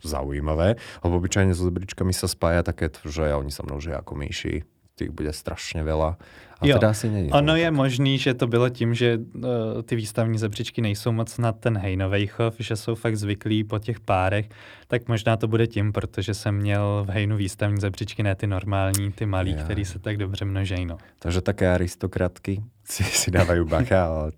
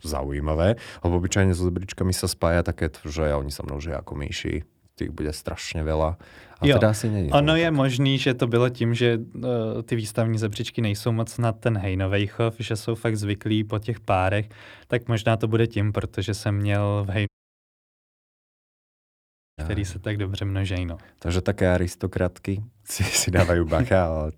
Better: first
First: none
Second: audio cutting out; at 17 s for 2.5 s

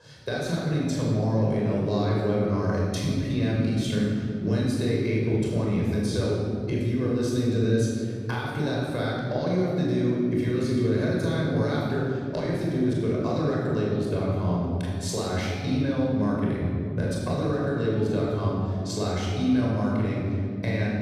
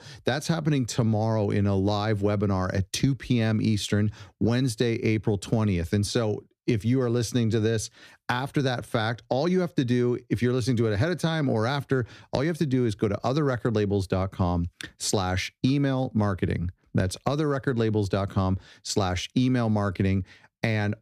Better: second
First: off-mic speech; far // room echo; strong; dies away in 2.5 s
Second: none

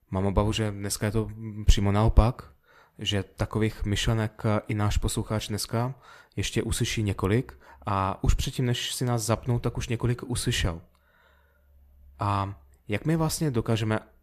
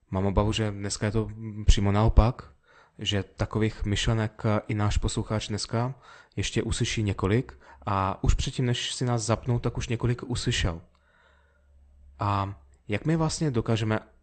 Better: first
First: none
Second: garbled, watery; slightly; nothing above 8.5 kHz

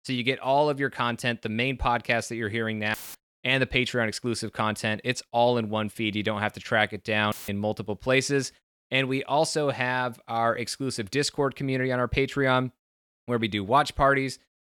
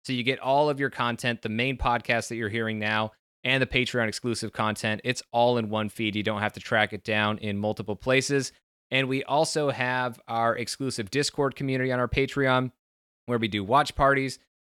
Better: second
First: audio cutting out; filled with static; at 3 s and at 7.5 s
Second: none

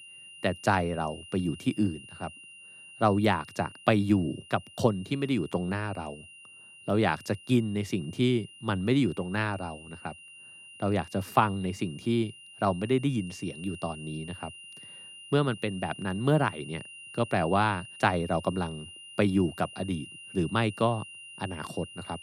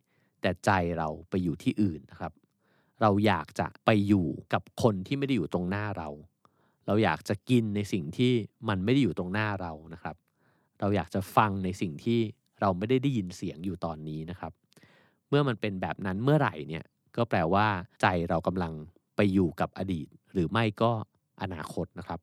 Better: second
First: high-pitched whine; noticeable; throughout; 3 kHz, 15 dB below the speech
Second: none

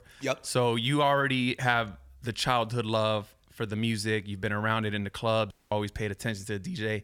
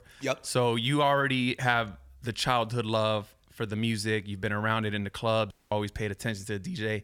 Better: neither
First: audio cutting out; at 5.5 s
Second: audio cutting out; at 5.5 s

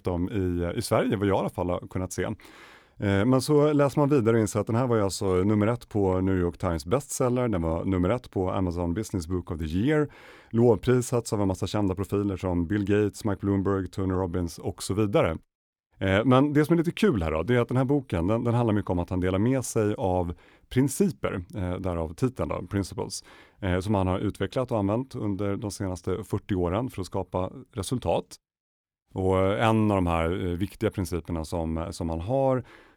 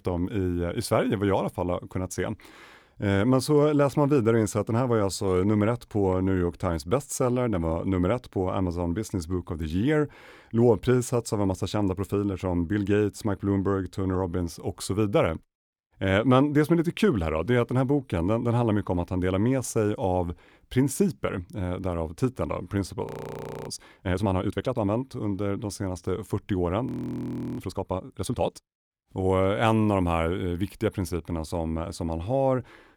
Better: first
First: none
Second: audio freezing; at 23 s for 0.5 s and at 27 s for 0.5 s

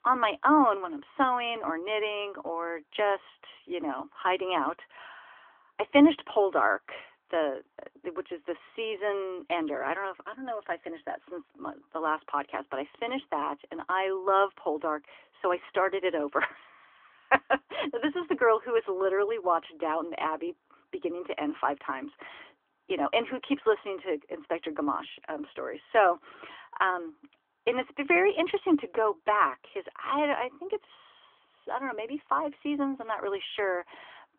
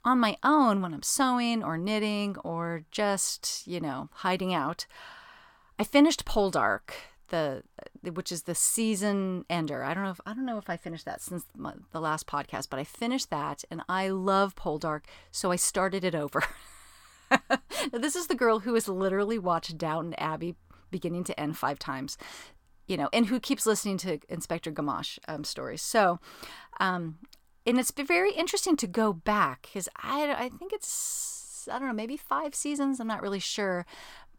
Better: second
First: phone-call audio; nothing above 3.5 kHz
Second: none

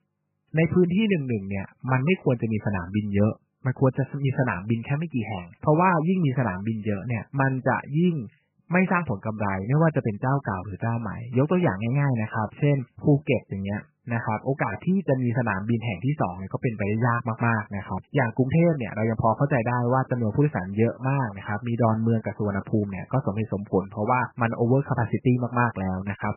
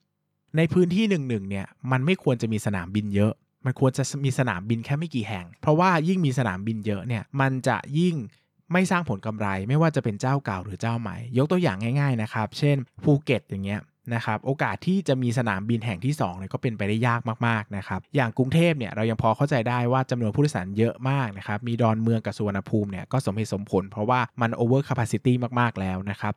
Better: second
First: garbled, watery; badly; nothing above 3 kHz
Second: none

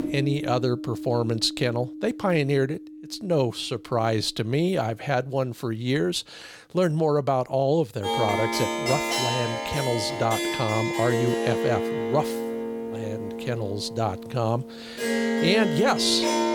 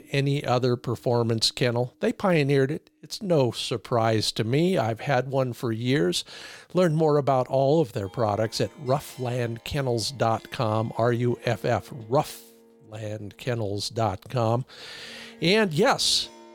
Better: second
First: background music; loud; throughout; 3 dB below the speech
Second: background music; faint; throughout; 30 dB below the speech

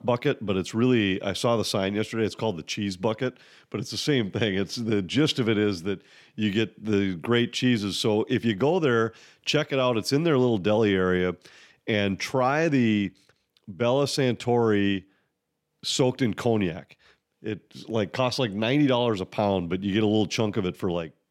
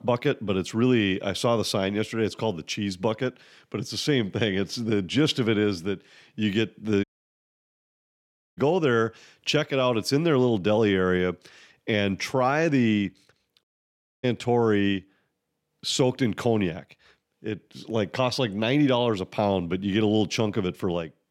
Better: first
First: none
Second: audio cutting out; at 7 s for 1.5 s and at 14 s for 0.5 s

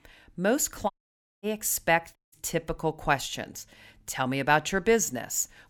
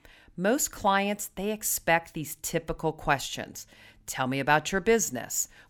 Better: second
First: audio cutting out; at 1 s for 0.5 s and at 2 s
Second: none

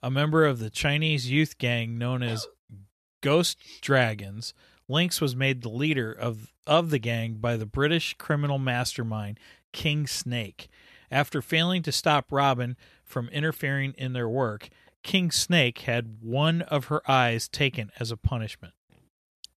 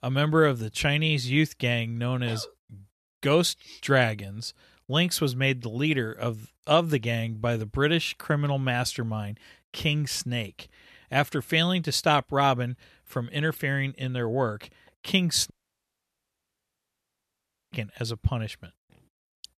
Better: first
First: none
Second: audio cutting out; at 16 s for 2 s

